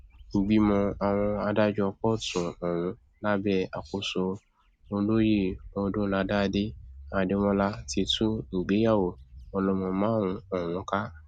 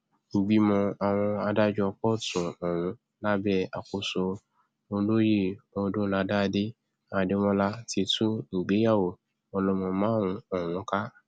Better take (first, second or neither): second